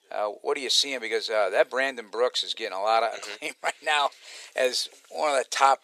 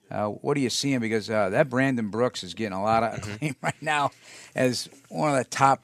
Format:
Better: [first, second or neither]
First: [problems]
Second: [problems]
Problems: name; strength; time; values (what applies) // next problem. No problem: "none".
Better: second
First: thin; very; fading below 450 Hz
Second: none